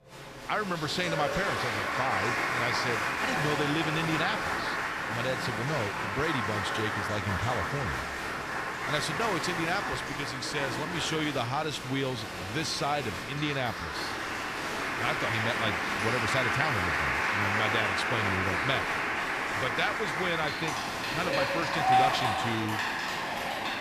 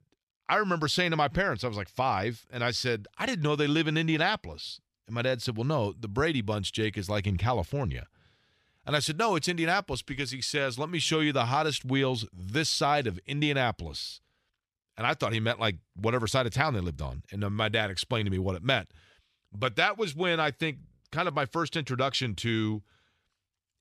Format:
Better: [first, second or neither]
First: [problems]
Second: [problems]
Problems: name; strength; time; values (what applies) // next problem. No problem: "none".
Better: second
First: crowd noise; very loud; throughout; 3 dB above the speech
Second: none